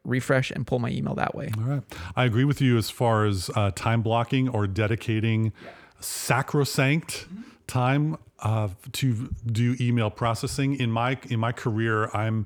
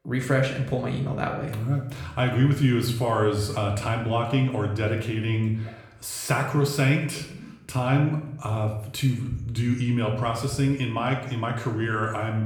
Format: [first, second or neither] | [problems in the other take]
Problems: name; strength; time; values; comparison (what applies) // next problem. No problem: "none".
first | room echo; slight; dies away in 0.6 s // off-mic speech; somewhat distant